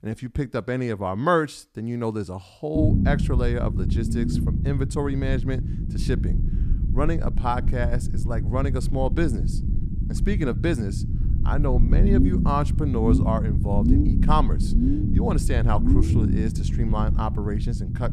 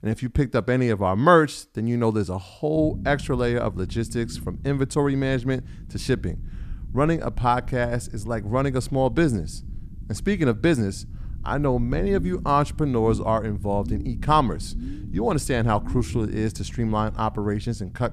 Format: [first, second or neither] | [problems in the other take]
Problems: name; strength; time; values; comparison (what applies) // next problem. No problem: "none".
second | low rumble; loud; from 3 s on; 6 dB below the speech; faint in the second